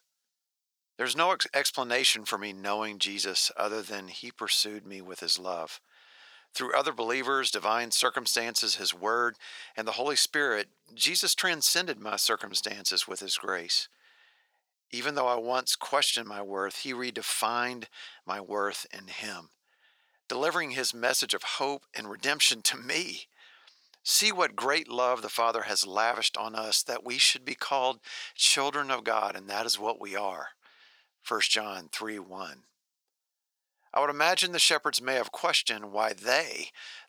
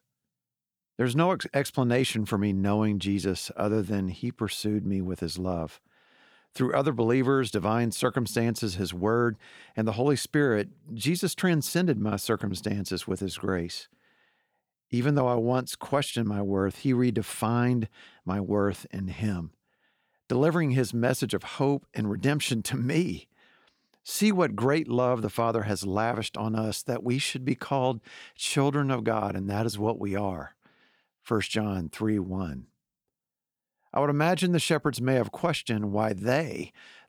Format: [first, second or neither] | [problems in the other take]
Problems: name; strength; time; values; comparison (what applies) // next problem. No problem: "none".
second | thin; very; fading below 750 Hz